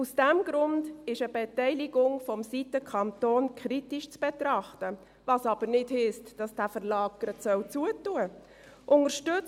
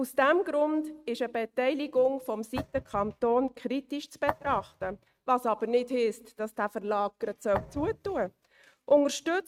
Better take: first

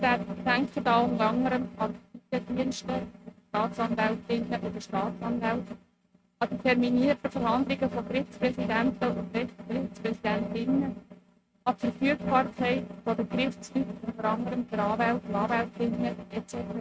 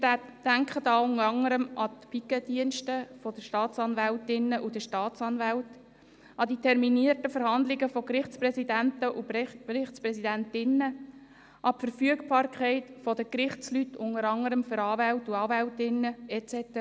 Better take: second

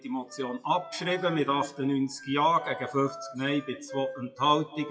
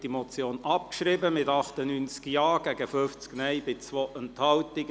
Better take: second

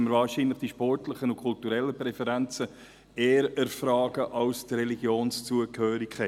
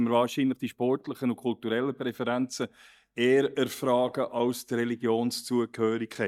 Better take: first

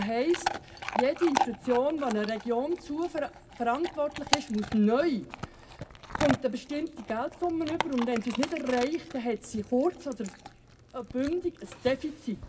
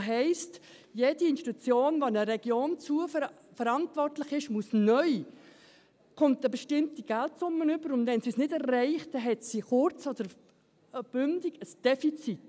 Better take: second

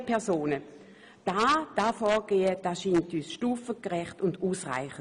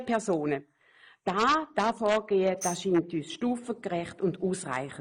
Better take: first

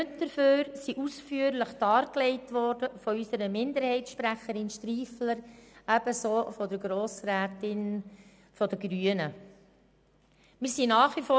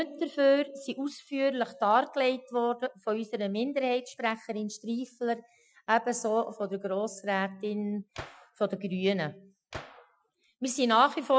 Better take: first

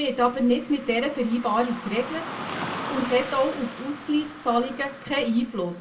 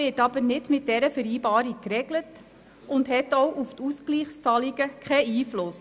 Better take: second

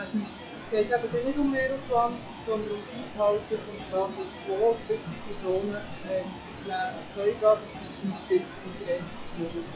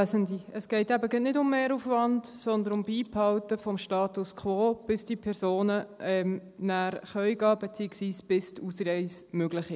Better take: second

